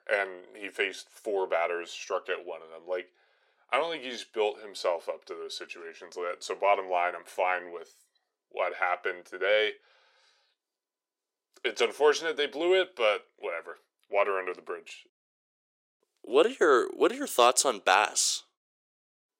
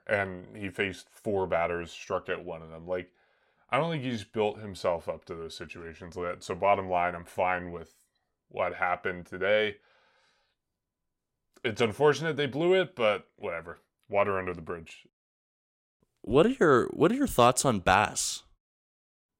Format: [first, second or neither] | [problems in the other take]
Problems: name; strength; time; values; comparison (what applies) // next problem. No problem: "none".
second | thin; somewhat; fading below 350 Hz